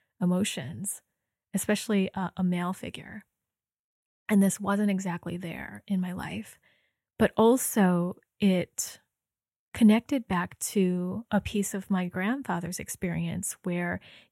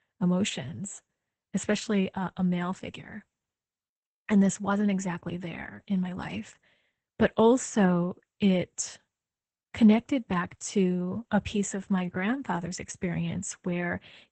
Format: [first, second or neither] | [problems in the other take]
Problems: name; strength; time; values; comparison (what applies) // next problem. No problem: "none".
first | garbled, watery; badly; nothing above 8 kHz